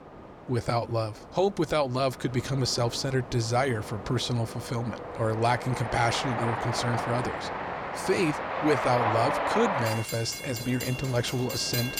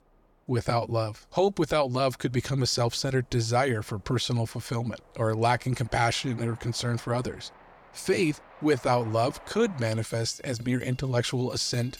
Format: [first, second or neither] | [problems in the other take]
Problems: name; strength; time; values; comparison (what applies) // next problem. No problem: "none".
second | train or aircraft noise; loud; throughout; 4 dB below the speech; faint in the second